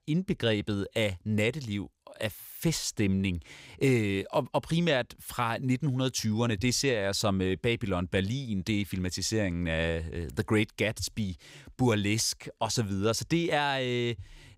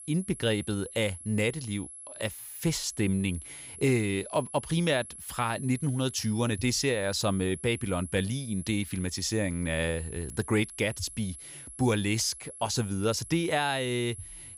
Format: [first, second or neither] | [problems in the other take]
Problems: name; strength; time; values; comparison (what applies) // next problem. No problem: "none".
first | high-pitched whine; noticeable; throughout; 11 kHz, 15 dB below the speech